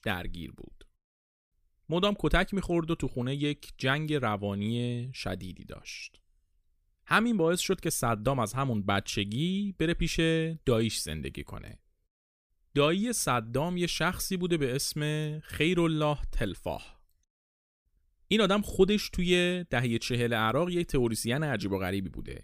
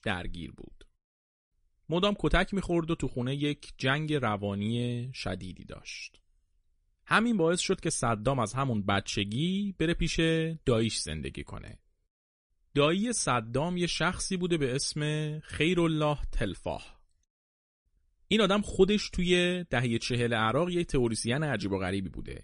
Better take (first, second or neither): first